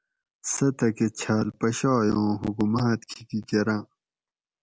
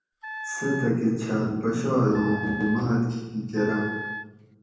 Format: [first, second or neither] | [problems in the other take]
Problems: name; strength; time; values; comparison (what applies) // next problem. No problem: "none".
first | background sound (Wind instrument, woodwind instrument); 10 dB below the speech // room echo; dies away in 1.1 s